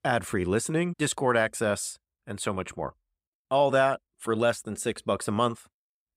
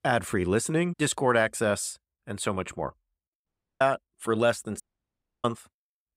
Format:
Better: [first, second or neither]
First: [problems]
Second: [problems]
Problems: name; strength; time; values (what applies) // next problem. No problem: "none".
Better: first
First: none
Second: audio cutting out; at 3.5 s and at 5 s for 0.5 s